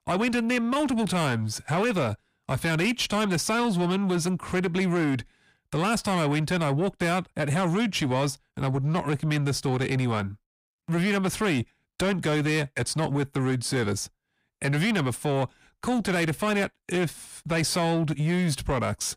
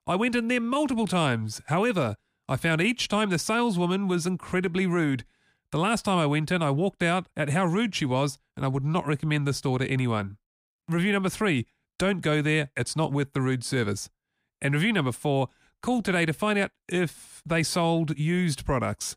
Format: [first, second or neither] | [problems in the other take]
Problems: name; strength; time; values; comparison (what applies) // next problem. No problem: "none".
second | distortion; slight; 10 dB below the speech